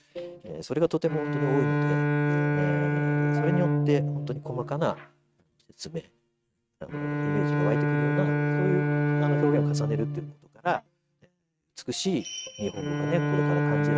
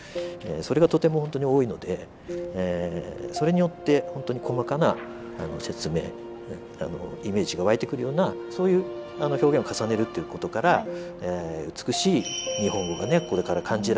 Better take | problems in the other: second | noise reduction (neural mask model RNNoise)

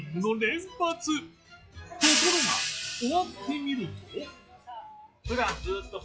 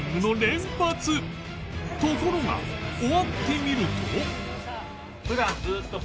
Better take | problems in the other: second | noise reduction (classical method log-MMSE)

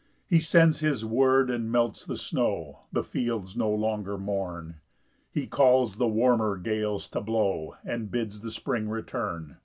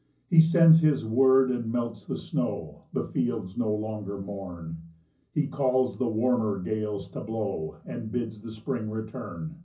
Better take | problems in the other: first | room echo; dies away in 0.5 s

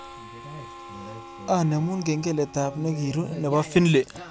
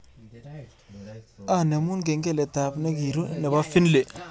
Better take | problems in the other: second | background sound (Harmonica); 19 dB below the speech

